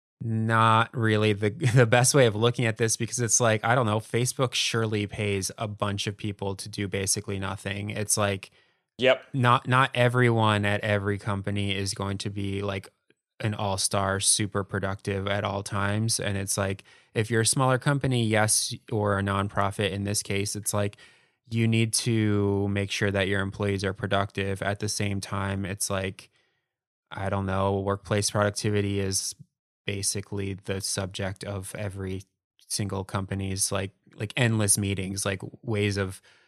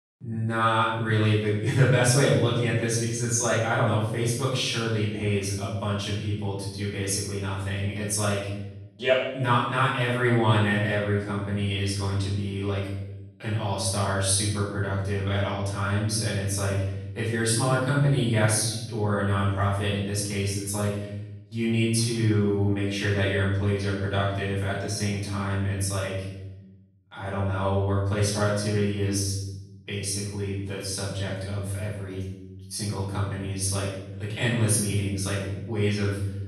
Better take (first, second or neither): first